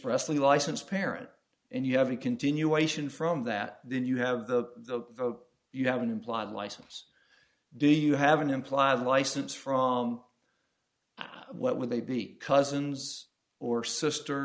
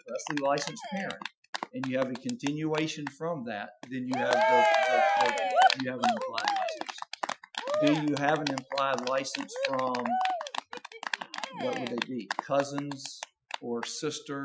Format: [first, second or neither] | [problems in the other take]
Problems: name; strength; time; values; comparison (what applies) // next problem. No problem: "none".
first | noise reduction (classical method Wiener filter)